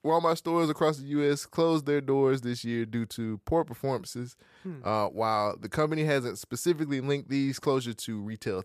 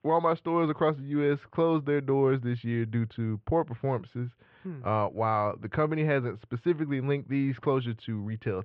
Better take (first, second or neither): first